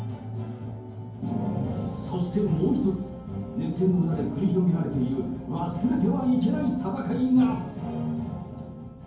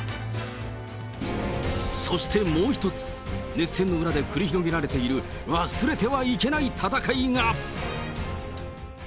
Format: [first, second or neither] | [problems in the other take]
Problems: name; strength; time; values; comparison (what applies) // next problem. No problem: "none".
second | room echo; dies away in 0.9 s